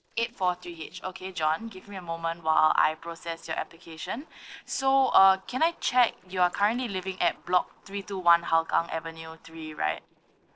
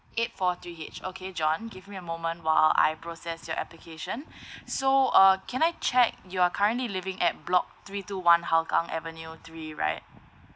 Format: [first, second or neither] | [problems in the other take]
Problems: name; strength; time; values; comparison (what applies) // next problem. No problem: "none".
second | noise reduction (neural separator model SepFormer DNS4)